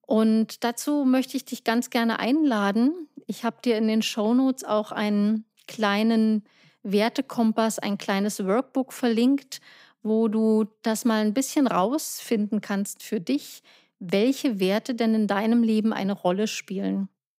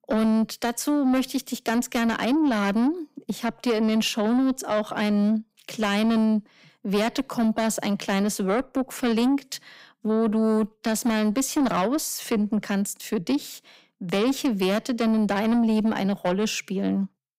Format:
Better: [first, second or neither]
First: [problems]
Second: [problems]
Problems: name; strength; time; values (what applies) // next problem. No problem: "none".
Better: first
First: none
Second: distortion; slight; 10 dB below the speech